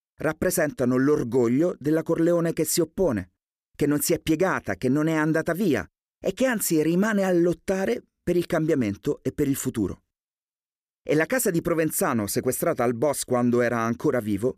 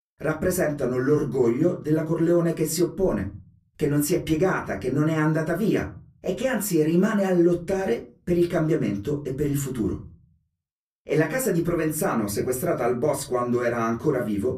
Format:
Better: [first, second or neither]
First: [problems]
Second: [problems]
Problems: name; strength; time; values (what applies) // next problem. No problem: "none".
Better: first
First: none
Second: off-mic speech; far // room echo; very slight; dies away in 0.4 s